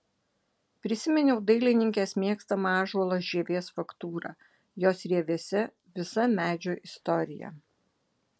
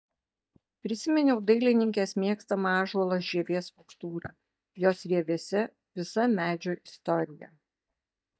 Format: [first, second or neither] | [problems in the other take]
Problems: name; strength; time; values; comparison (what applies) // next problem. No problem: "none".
first | noise reduction (neural mask model DeepFilterNet 3)